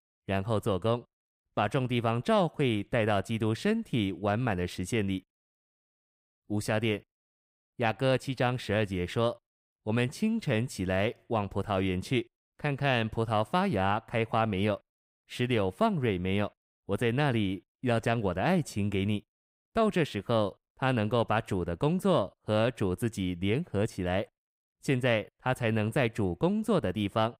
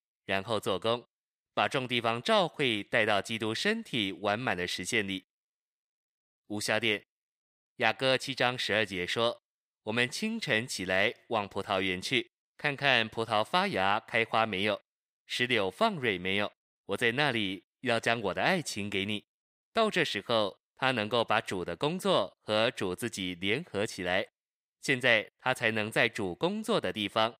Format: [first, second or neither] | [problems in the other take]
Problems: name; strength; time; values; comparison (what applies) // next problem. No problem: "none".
first | thin; very slightly; fading below 800 Hz